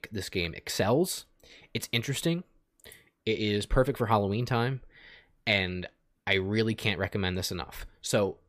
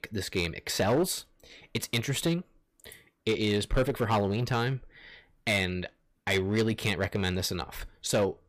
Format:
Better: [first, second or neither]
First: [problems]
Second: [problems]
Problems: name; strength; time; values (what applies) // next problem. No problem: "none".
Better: first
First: none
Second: distortion; slight; 6% of the sound clipped